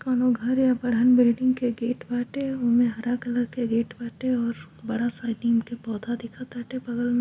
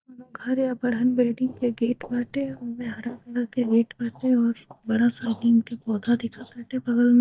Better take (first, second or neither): first